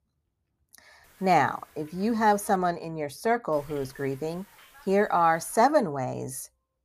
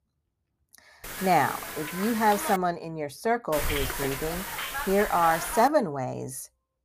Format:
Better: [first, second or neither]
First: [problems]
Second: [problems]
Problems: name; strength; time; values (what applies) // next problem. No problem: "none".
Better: first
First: hiss; faint; from 1 to 2.5 s and from 3.5 to 5.5 s; 25 dB below the speech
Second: hiss; loud; from 1 to 2.5 s and from 3.5 to 5.5 s; 6 dB below the speech